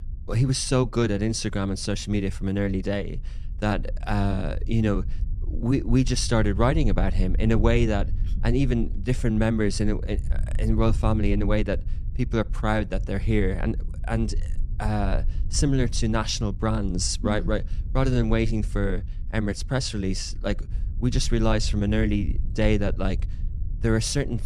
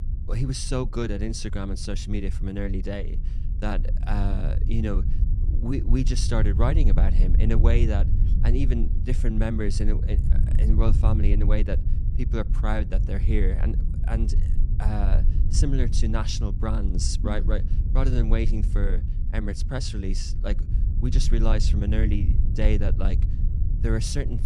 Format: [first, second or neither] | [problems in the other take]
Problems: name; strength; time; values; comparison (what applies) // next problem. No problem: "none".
first | low rumble; loud; throughout; 9 dB below the speech; faint in the first